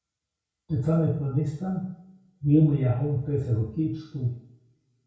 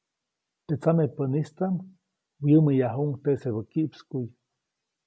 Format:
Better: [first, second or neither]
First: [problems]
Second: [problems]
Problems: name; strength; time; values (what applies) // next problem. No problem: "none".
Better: second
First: room echo; dies away in 0.6 s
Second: none